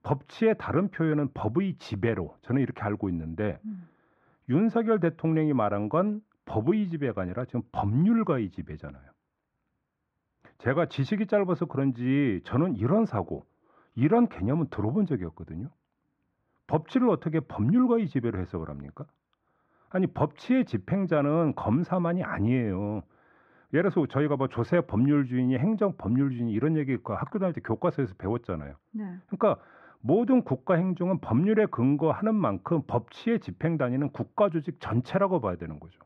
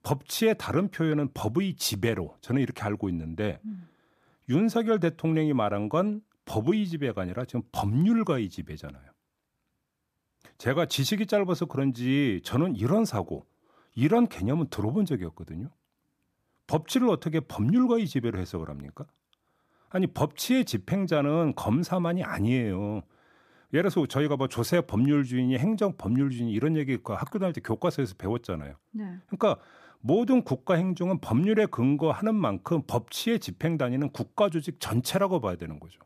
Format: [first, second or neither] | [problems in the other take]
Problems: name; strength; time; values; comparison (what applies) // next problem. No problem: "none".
second | muffled; very; fading above 1.5 kHz